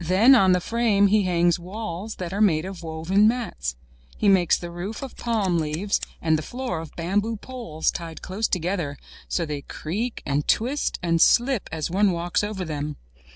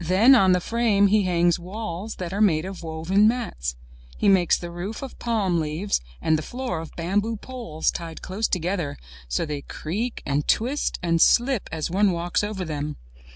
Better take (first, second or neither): second